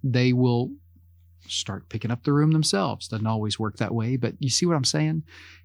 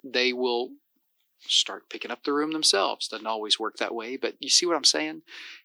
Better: first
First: none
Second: thin; very; fading below 350 Hz

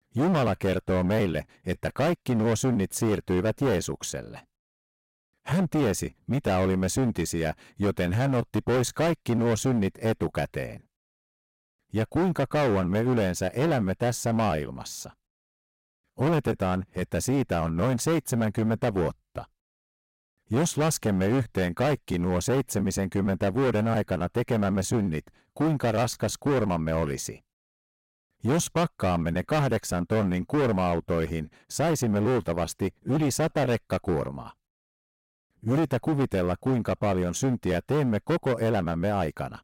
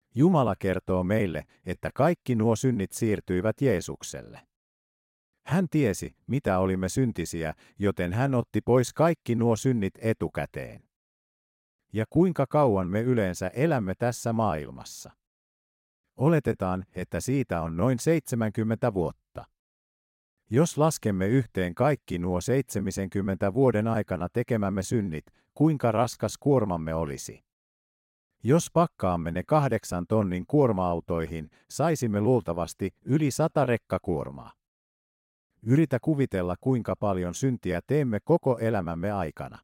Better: second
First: distortion; heavy; 16% of the sound clipped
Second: none

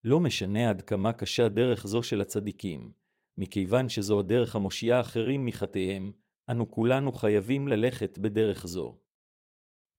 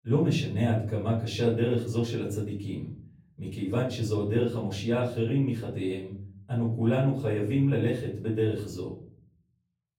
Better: first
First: none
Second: off-mic speech; far // room echo; slight; dies away in 0.8 s

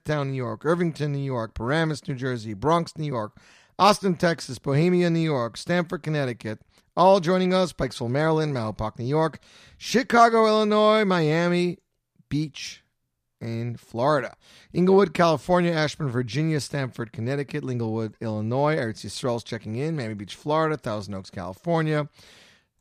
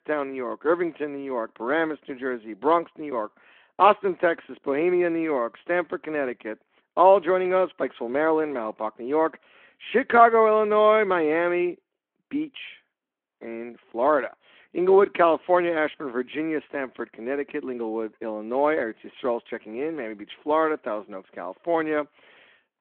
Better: first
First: none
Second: phone-call audio

